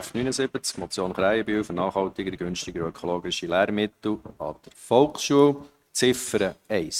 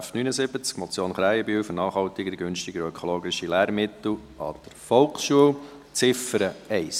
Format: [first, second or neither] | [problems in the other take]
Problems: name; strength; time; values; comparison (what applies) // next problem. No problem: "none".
second | noise reduction (neural mask model RNNoise)